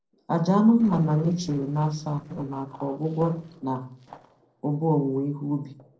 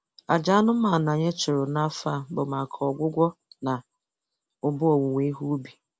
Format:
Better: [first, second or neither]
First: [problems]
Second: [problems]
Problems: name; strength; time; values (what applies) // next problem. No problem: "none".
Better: second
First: noise reduction (neural separator model SepFormer DNS4)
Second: none